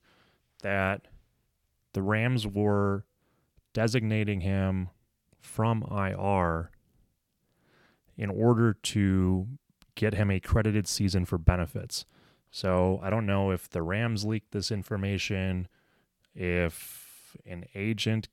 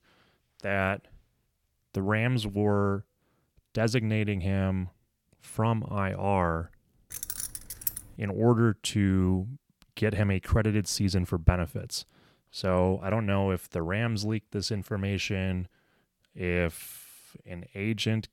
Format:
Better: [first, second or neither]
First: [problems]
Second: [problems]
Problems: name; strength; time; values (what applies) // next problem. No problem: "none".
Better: first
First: none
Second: jangling keys; noticeable; at 7 s; peak 4 dB below the speech